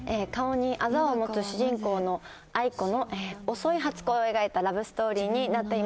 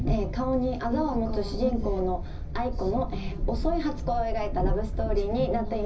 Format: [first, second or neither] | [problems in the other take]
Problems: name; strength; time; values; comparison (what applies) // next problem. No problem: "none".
first | background sound (Train); 1 dB below the speech // room echo; dies away in 0.4 s